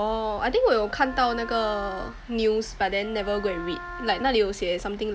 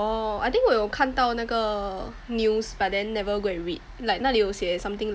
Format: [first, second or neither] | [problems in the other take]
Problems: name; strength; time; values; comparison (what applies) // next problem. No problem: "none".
second | background sound (Wind instrument, woodwind instrument); 14 dB below the speech